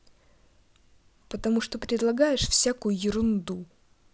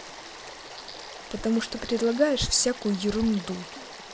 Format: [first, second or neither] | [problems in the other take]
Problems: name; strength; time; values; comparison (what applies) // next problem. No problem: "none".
first | background sound (Stream / Frog); 14 dB below the speech